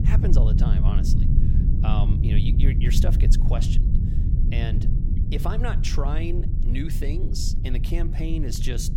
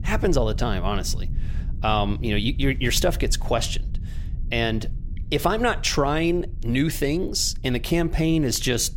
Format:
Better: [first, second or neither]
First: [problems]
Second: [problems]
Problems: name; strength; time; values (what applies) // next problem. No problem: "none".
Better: second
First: low rumble; loud; throughout; 3 dB below the speech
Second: low rumble; faint; throughout; 25 dB below the speech